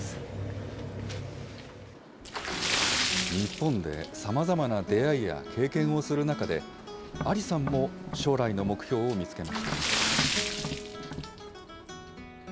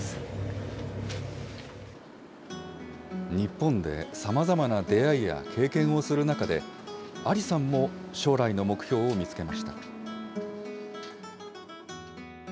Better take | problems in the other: second | background sound (Splash, splatter + Tap); 4 dB below the speech

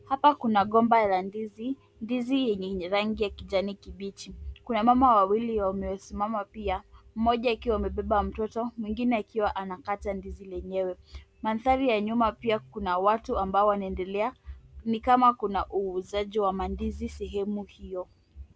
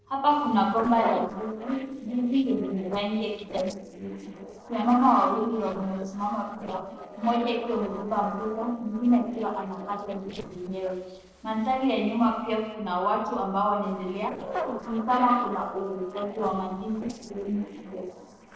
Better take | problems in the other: first | noise reduction (neural separator model SepFormer DNS4)

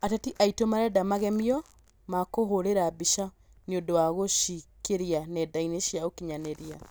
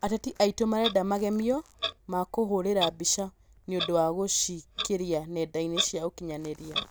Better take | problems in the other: first | background sound (Clock); 10 dB below the speech

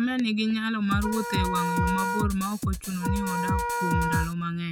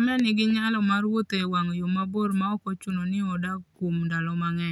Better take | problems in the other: second | background sound (Drum kit + Wind instrument, woodwind instrument); as loud as the speech

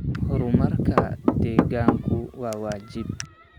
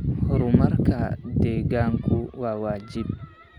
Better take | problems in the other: second | background sound (Knock / Wood); 3 dB below the speech

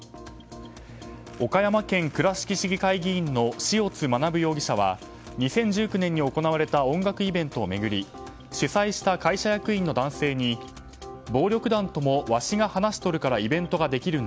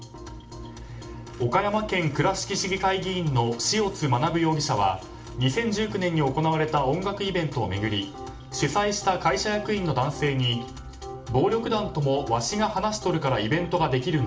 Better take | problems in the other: first | room echo; dies away in 0.4 s

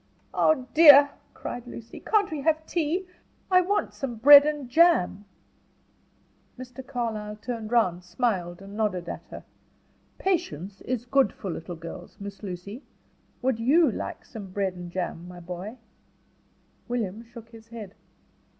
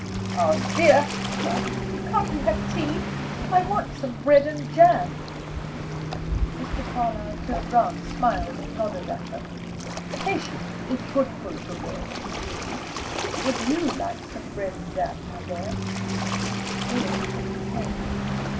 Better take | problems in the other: first | background sound (Waves, surf); 3 dB below the speech // room echo; dies away in 0.2 s

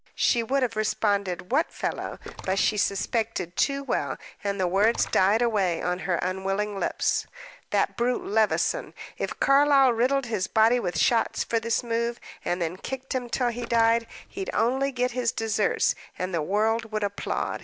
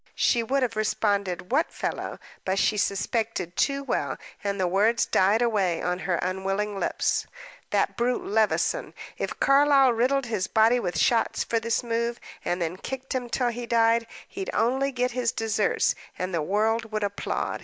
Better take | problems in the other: second | background sound (Splash, splatter); 19 dB below the speech

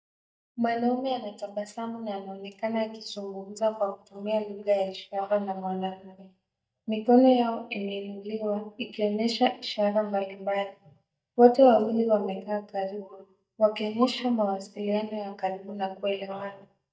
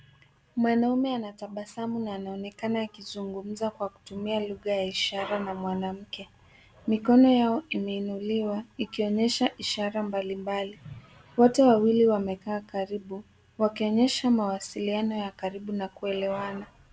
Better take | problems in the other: second | noise reduction (neural mask model DeepFilterNet 3)

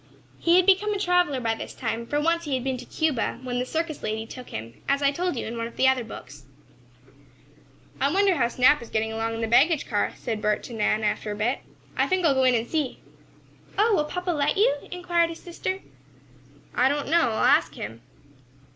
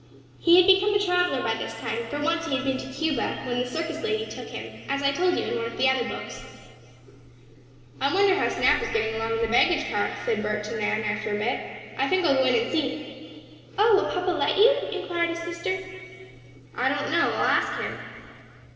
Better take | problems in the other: first | room echo; dies away in 2.3 s

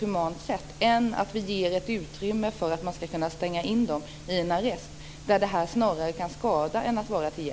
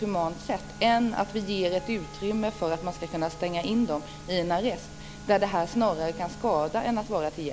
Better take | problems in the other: first | background sound (Wind instrument, woodwind instrument + Bowed string instrument); 19 dB below the speech

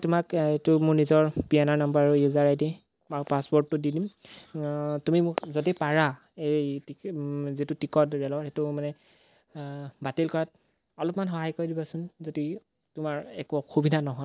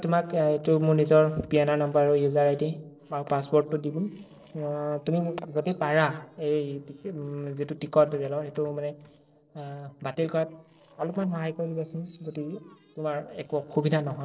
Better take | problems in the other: first | noise reduction (neural separator model SepFormer DNS4)

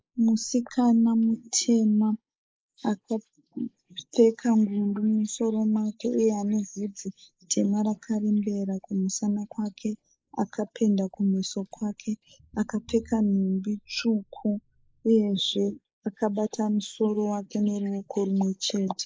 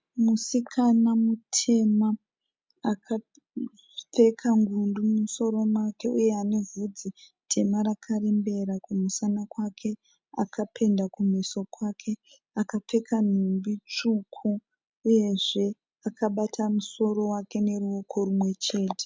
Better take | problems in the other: second | noise reduction (neural mask model Resemble Enhance denoiser)

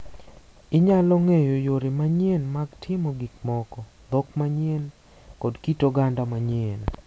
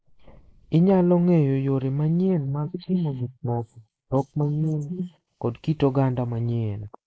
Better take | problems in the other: first | noise reduction (neural mask model Resemble Enhance denoiser)

